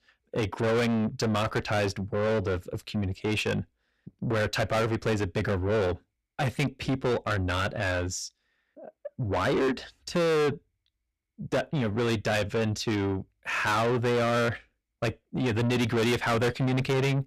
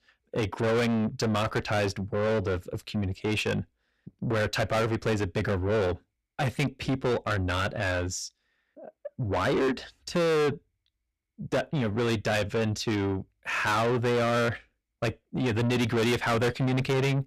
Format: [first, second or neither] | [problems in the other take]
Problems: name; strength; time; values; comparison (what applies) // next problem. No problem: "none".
neither | distortion; heavy; 5 dB below the speech; the same in both